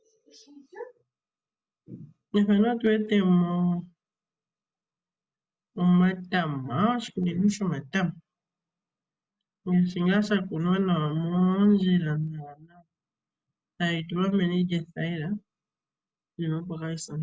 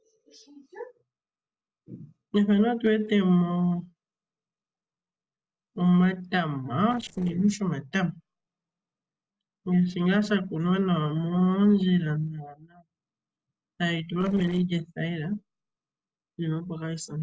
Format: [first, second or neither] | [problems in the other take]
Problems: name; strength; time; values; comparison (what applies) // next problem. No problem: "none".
first | noise reduction (neural separator model SepFormer DNS4)